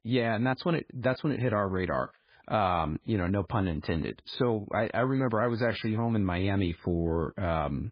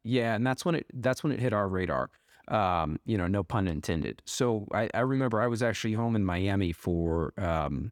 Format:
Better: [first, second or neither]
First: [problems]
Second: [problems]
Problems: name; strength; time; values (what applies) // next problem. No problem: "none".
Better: second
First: garbled, watery; badly; nothing above 4.5 kHz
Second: none